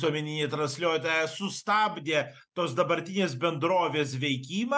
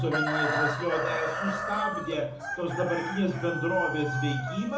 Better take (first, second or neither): first